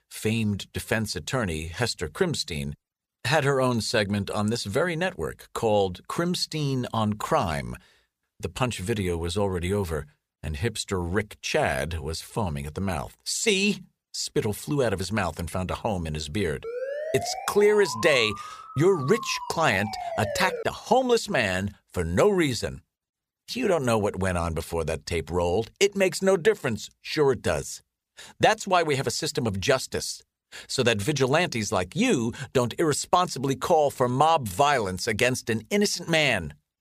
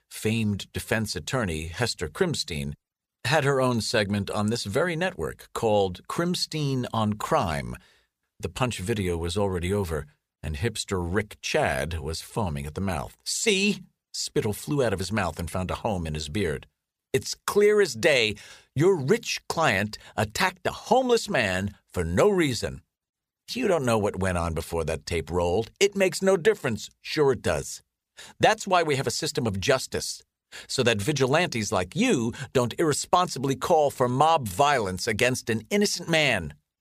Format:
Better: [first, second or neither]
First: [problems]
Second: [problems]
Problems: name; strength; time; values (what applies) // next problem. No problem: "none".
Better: second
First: siren; noticeable; from 17 to 21 s; peak 6 dB below the speech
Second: none